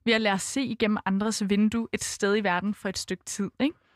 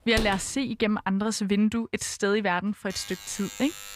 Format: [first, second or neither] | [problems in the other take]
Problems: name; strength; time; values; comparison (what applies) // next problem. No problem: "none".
first | door banging; noticeable; at the start; peak 6 dB below the speech // alarm; faint; from 3 s on; peak 10 dB below the speech